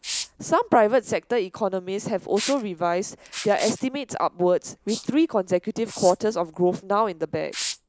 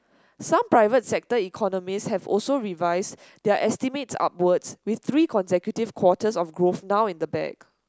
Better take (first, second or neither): second